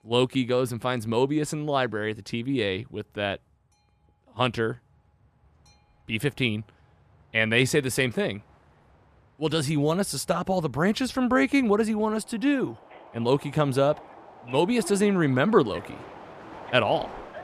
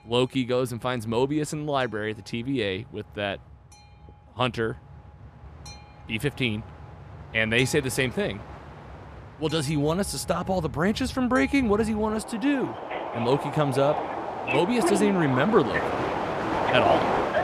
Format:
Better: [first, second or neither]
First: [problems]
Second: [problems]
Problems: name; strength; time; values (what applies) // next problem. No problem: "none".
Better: first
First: train or aircraft noise; faint; throughout; 20 dB below the speech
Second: train or aircraft noise; loud; throughout; 5 dB below the speech